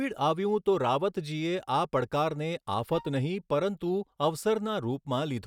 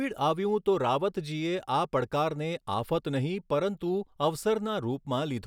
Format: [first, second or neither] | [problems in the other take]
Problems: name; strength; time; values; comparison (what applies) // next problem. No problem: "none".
second | noise reduction (neural mask model RNNoise)